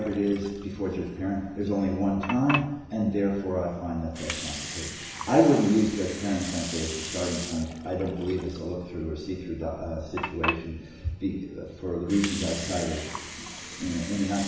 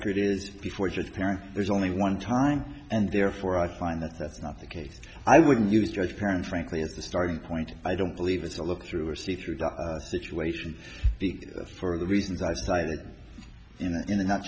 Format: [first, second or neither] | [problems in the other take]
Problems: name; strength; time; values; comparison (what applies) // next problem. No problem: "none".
second | background sound (Water); 10 dB below the speech // room echo; dies away in 1 s